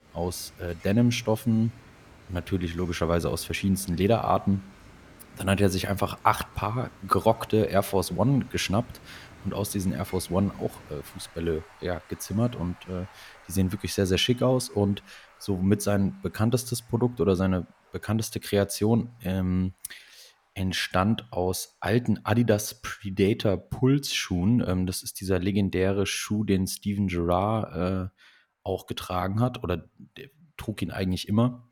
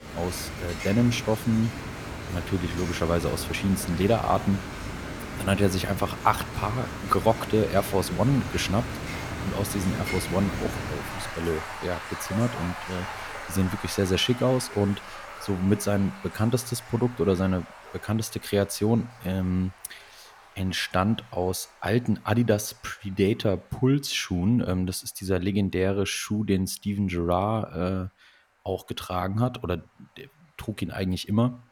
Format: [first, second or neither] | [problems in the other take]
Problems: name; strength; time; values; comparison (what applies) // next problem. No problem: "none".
first | rain or running water; loud; throughout; 9 dB below the speech; faint in the first